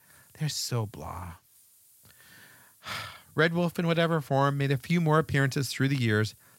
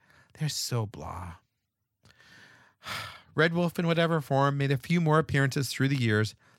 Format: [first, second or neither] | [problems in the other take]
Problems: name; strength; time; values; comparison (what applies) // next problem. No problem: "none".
second | hiss; faint; throughout; 30 dB below the speech